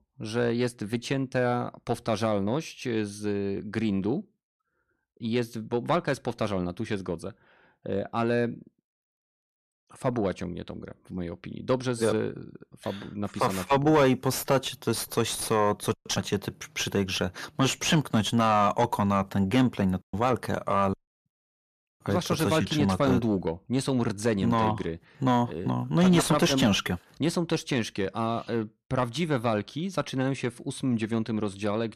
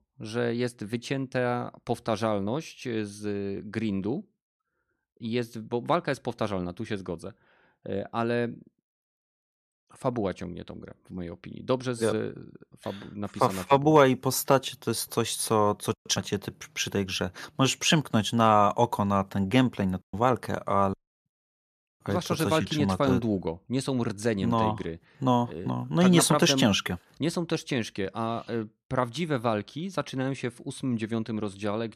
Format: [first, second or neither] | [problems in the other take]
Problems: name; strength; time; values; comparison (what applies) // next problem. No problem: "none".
second | distortion; slight; 10 dB below the speech